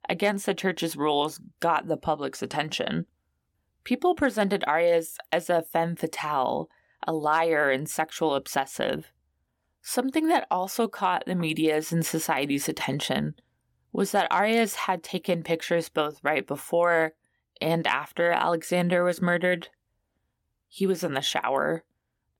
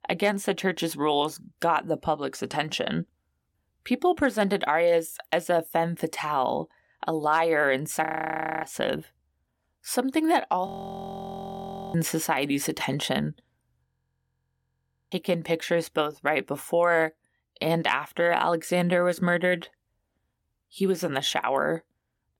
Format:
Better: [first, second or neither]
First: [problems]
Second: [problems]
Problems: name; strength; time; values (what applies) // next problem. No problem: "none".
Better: first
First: none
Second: audio freezing; at 8 s for 0.5 s, at 11 s for 1.5 s and at 14 s for 1.5 s